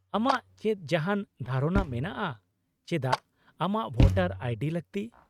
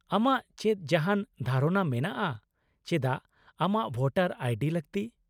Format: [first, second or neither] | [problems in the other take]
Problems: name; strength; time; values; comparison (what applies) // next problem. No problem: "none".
second | noise reduction (neural mask model RNNoise)